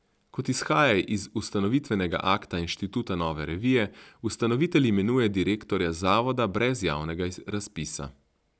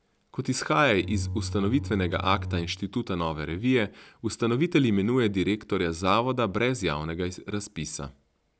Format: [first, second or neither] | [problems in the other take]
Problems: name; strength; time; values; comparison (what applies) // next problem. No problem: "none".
first | background sound (Bowed string instrument); 7 dB below the speech